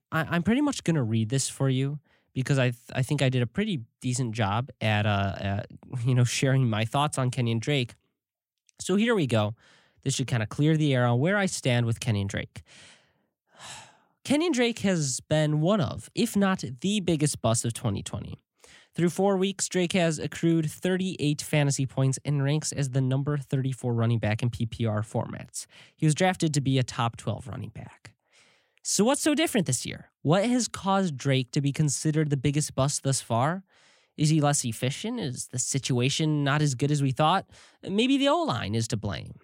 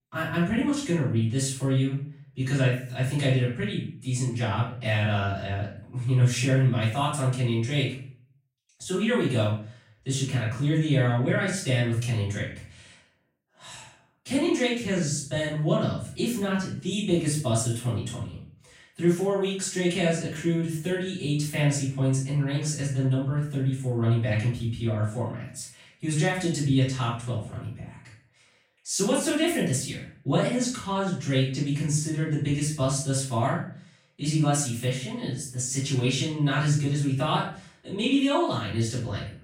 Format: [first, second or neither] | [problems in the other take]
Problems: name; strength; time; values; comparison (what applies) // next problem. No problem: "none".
first | off-mic speech; far // room echo; noticeable; dies away in 0.4 s